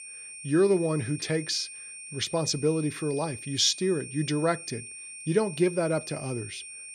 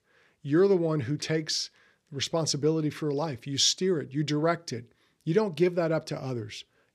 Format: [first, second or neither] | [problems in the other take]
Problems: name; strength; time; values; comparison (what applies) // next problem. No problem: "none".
second | high-pitched whine; noticeable; throughout; 2.5 kHz, 10 dB below the speech